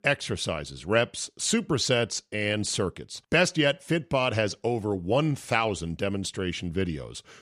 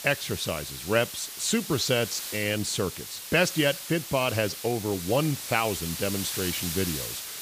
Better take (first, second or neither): first